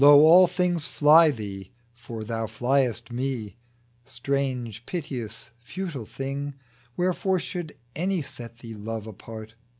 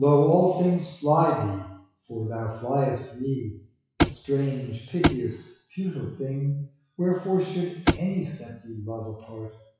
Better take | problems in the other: first | noise reduction (classical method WPE with log-MMSE)

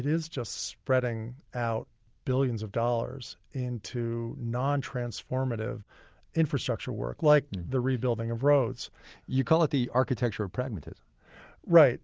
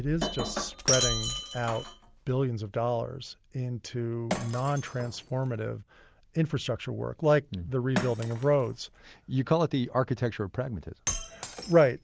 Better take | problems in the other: first | background sound (Shatter); 8 dB below the speech

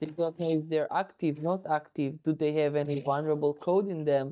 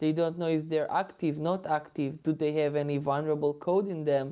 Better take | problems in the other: second | noise reduction (neural mask model DeepFilterNet 3)

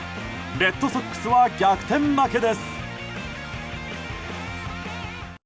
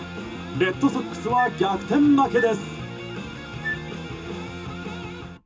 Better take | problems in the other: first | background sound (Wind instrument, woodwind instrument); 11 dB below the speech // room echo; dies away in 0.2 s

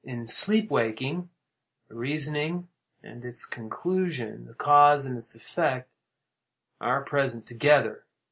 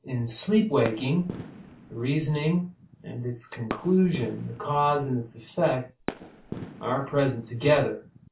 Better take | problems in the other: first | background sound (Fireworks); 14 dB below the speech // room echo; dies away in 0.2 s

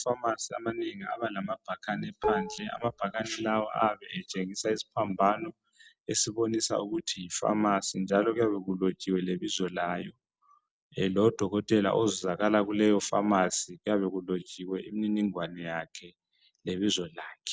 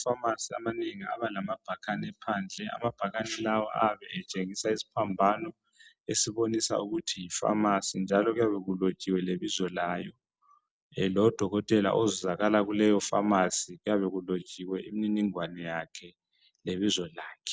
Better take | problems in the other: second | background sound (Dishes, pots, and pans); 5 dB below the speech

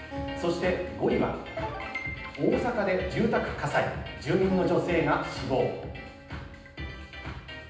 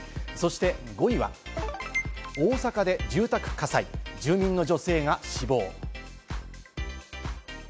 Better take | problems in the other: second | background sound (Acoustic guitar); 15 dB below the speech // room echo; dies away in 0.9 s

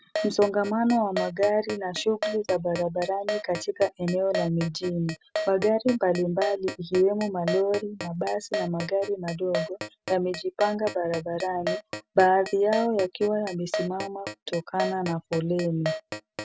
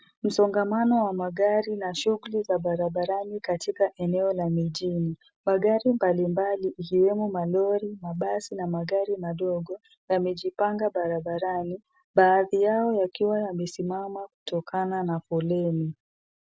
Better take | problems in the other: second | background sound (Keyboard (musical)); 9 dB below the speech

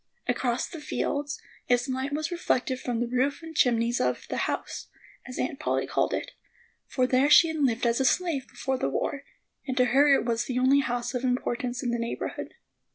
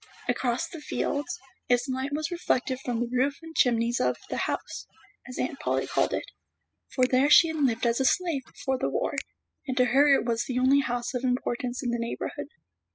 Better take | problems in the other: first | noise reduction (classical method spectral subtraction)

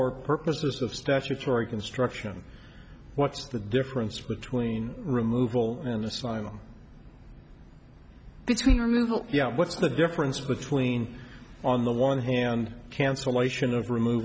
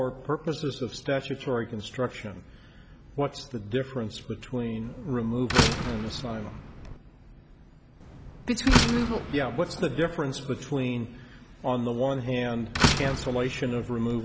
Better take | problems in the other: first | background sound (Slam); as loud as the speech

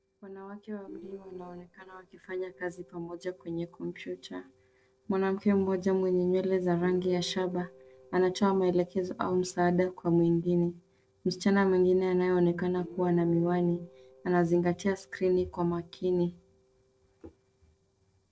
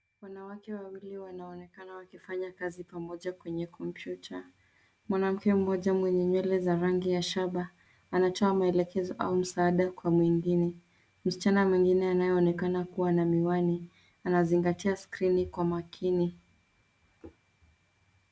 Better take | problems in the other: second | noise reduction (neural separator model SepFormer DNS4)

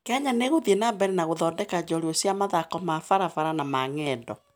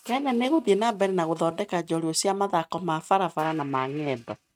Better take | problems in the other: first | noise reduction (neural mask model RNNoise)

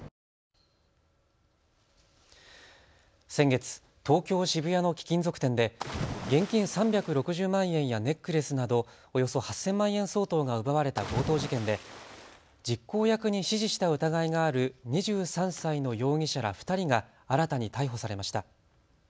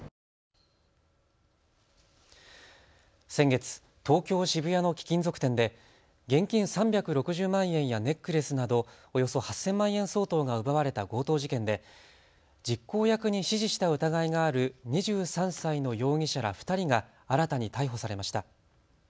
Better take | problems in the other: second | background sound (Splash, splatter); 10 dB below the speech

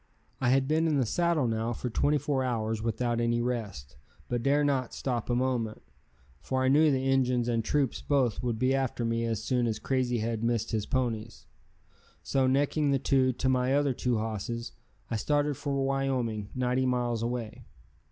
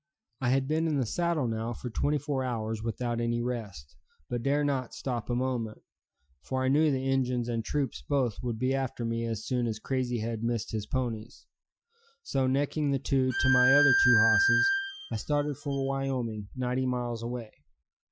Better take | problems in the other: first | noise reduction (classical method Wiener filter)

